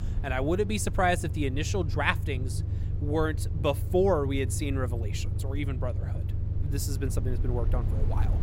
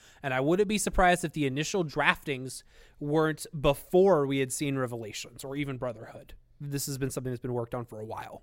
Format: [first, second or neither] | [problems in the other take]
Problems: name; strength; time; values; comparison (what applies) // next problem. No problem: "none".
second | low rumble; noticeable; throughout; 15 dB below the speech